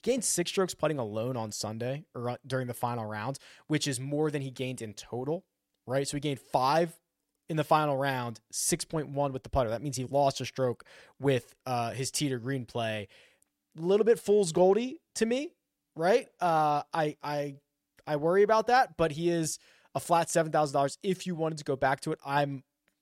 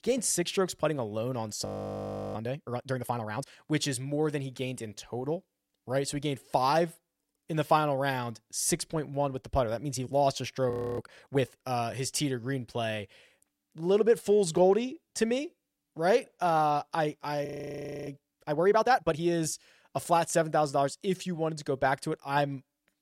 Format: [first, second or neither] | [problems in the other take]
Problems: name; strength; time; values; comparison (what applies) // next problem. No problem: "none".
first | audio freezing; at 1.5 s for 0.5 s, at 11 s and at 17 s for 0.5 s